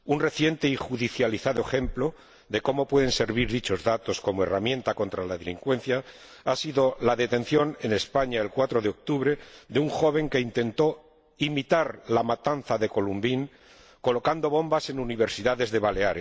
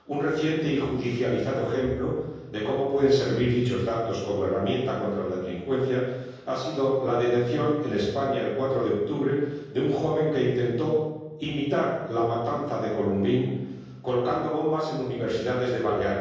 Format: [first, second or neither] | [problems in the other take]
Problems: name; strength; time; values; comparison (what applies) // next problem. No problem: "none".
first | room echo; dies away in 1.3 s